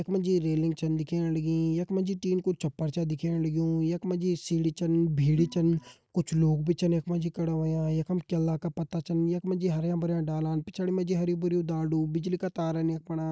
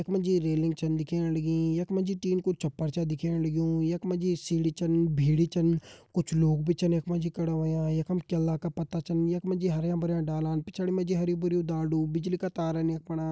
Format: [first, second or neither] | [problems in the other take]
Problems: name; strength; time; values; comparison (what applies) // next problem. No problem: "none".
second | noise reduction (neural mask model RNNoise)